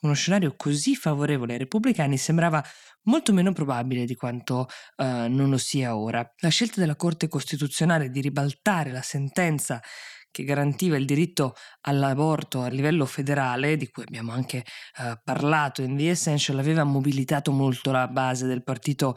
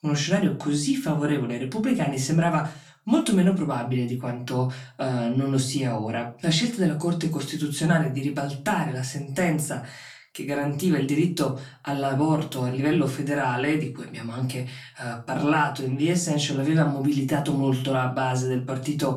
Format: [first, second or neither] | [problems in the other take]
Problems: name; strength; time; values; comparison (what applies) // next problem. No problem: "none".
first | off-mic speech; far // room echo; very slight; dies away in 0.3 s